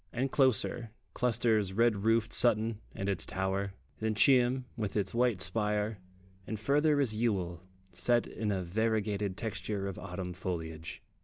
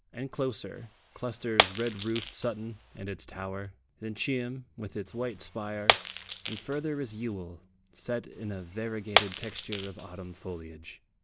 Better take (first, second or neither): first